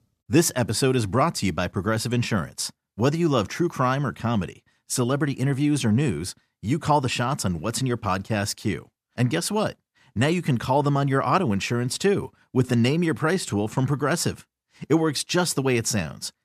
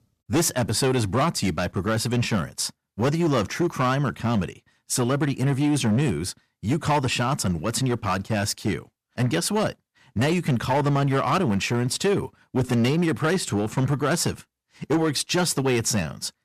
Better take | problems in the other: first | distortion; slight; 9% of the sound clipped

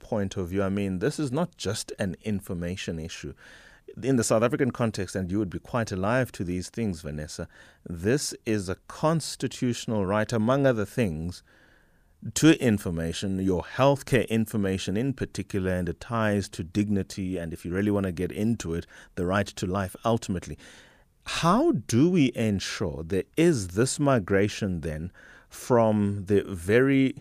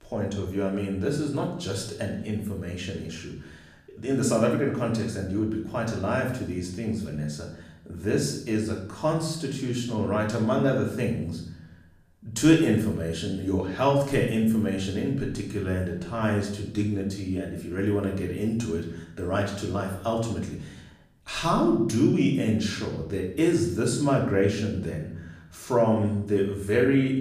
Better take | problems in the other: first | room echo; noticeable; dies away in 0.6 s // off-mic speech; far

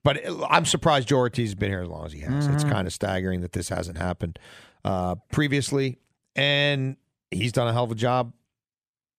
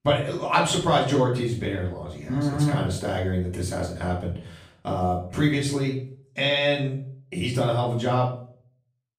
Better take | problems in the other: first | off-mic speech; far // room echo; noticeable; dies away in 0.4 s

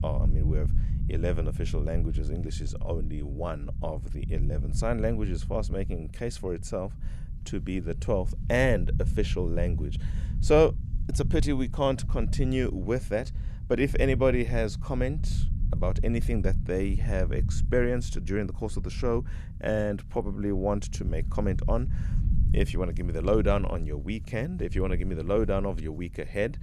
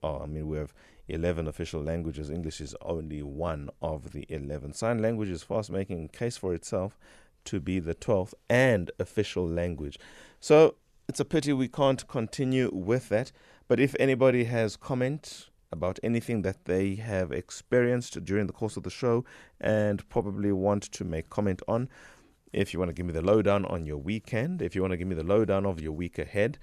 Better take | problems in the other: second | low rumble; noticeable; throughout; 15 dB below the speech

